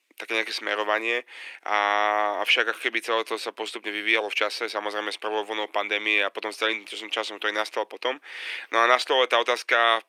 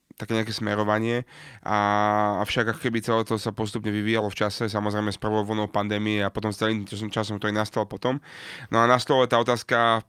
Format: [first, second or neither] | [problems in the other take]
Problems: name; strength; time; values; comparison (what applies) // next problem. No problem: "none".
second | thin; very; fading below 350 Hz